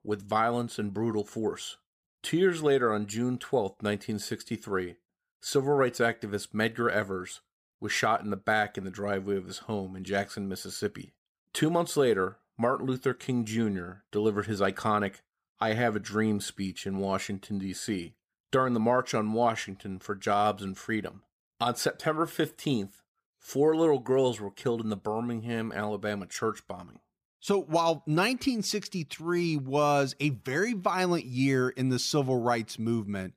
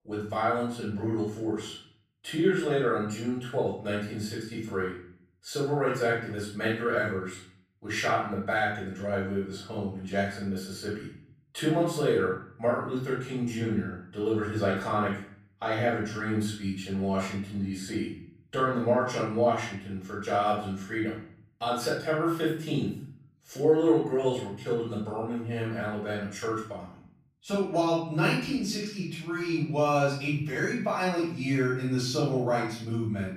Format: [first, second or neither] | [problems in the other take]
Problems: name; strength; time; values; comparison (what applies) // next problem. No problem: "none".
first | off-mic speech; far // room echo; noticeable; dies away in 0.6 s